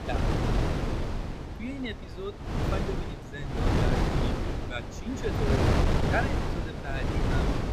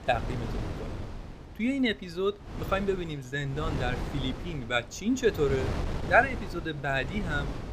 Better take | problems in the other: second | wind noise on the microphone; heavy; 4 dB above the speech; occasional gusts in the second

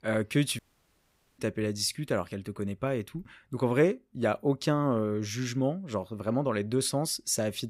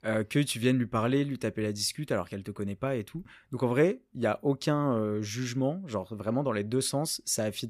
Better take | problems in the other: second | audio cutting out; at 0.5 s for 1 s

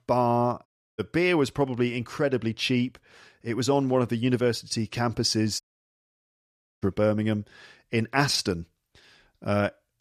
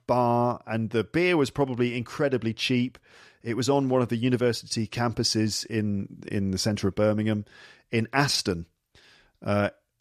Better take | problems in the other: second | audio cutting out; at 0.5 s and at 5.5 s for 1 s

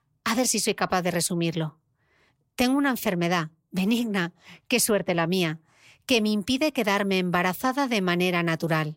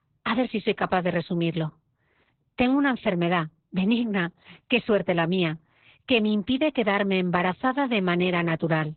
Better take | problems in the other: first | garbled, watery; badly; nothing above 3.5 kHz

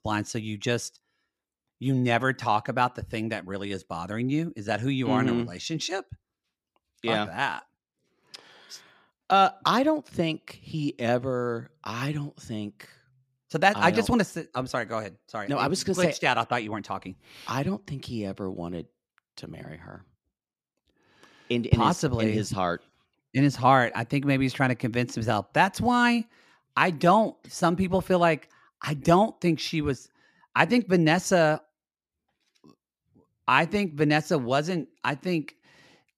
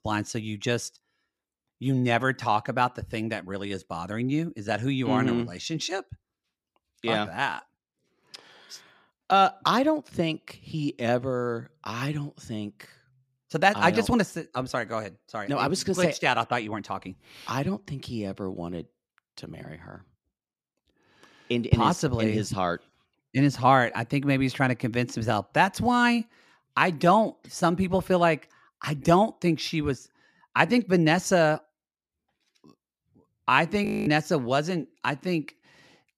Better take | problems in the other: first | audio freezing; at 34 s

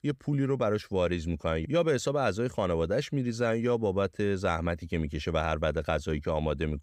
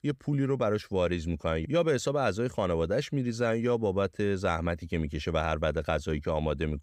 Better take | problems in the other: neither | none

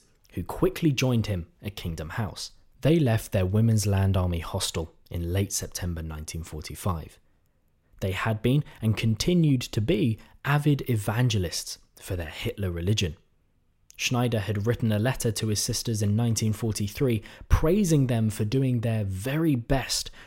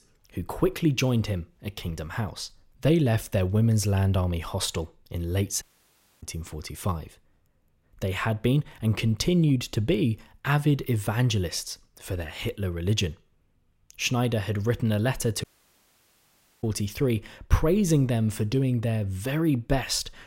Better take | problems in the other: first | audio cutting out; at 5.5 s for 0.5 s and at 15 s for 1 s

